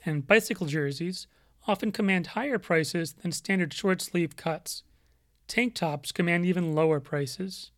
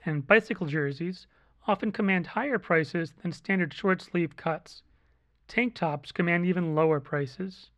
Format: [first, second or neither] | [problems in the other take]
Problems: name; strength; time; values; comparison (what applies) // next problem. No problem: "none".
first | muffled; slightly; fading above 2.5 kHz